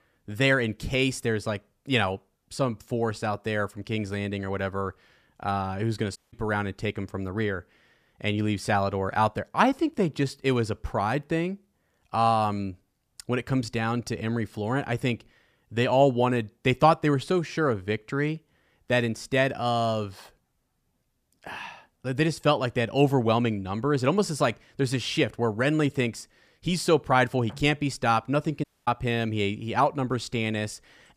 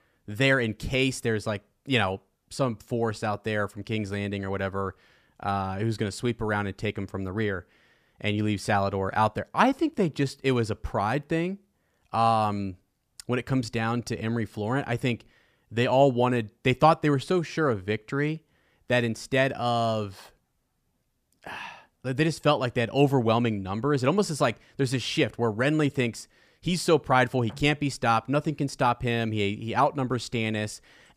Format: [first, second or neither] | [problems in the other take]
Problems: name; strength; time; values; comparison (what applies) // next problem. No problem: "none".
second | audio cutting out; at 6 s and at 29 s